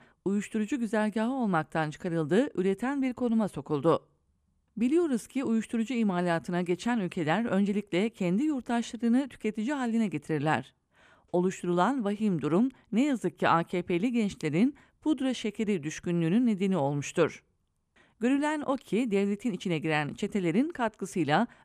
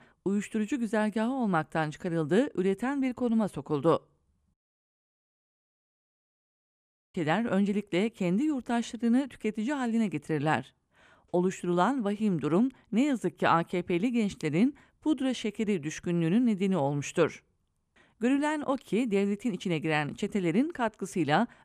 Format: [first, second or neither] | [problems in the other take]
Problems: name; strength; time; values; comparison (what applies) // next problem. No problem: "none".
first | audio cutting out; at 4.5 s for 2.5 s